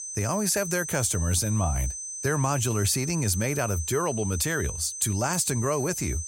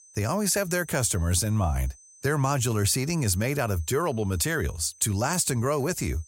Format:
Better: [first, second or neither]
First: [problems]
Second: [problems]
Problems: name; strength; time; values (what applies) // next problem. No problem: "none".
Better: second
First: high-pitched whine; loud; throughout; 6 kHz, 7 dB below the speech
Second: high-pitched whine; faint; throughout; 6 kHz, 25 dB below the speech